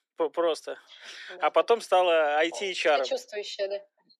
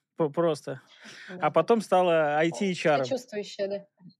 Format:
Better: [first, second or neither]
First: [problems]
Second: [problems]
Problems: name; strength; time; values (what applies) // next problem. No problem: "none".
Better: second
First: thin; very; fading below 400 Hz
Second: none